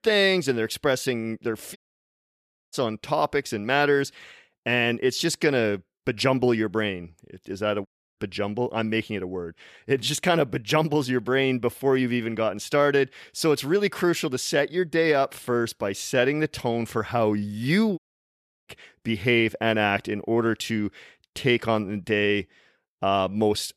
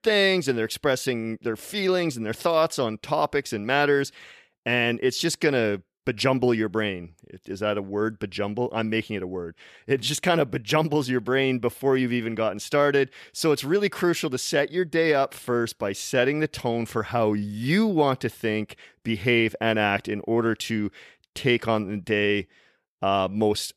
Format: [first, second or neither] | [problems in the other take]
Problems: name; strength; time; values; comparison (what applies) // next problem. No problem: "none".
second | audio cutting out; at 2 s for 1 s, at 8 s and at 18 s for 0.5 s